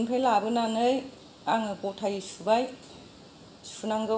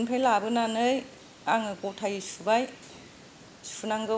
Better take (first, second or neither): second